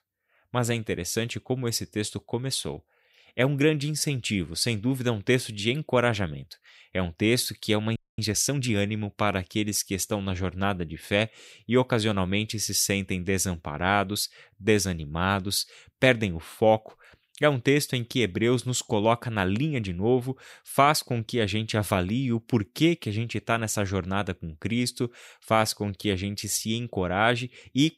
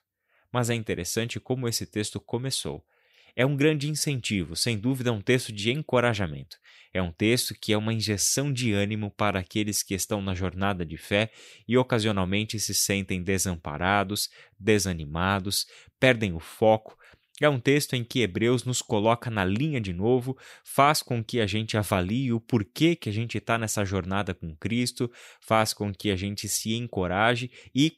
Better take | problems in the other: second | audio freezing; at 8 s

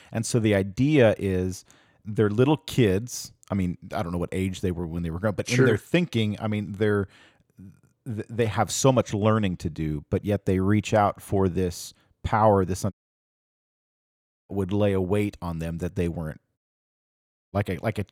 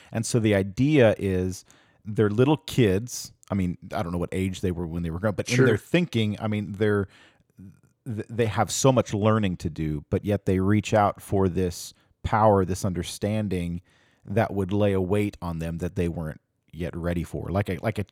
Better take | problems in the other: second | audio cutting out; at 13 s for 1.5 s and at 17 s for 1 s

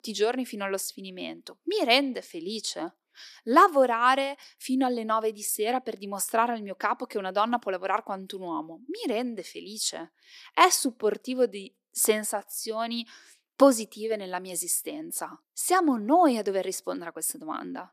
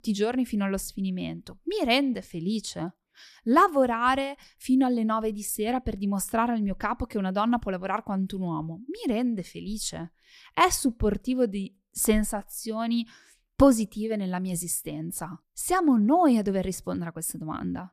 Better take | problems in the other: second | thin; somewhat; fading below 300 Hz

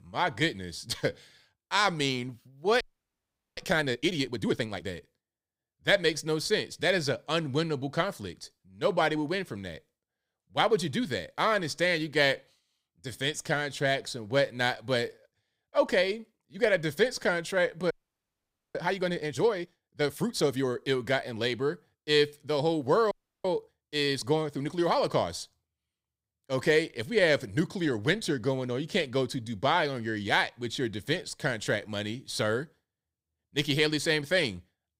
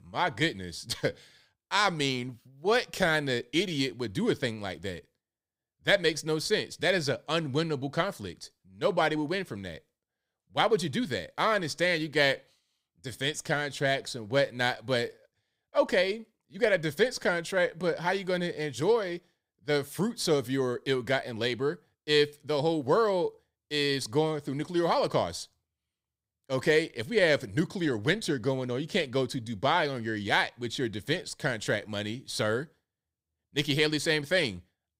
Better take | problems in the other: second | audio freezing; at 3 s for 1 s, at 18 s for 1 s and at 23 s

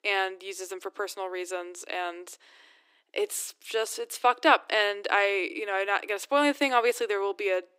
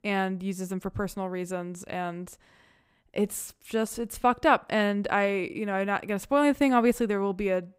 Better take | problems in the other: second | thin; somewhat; fading below 300 Hz

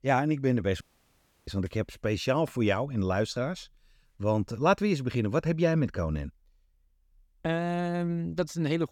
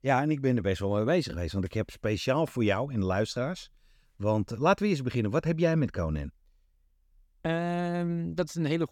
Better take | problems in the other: second | audio cutting out; at 1 s for 0.5 s

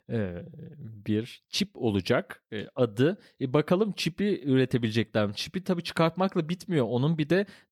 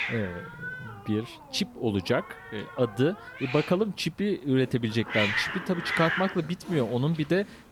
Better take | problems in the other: first | hiss; loud; throughout; 5 dB below the speech

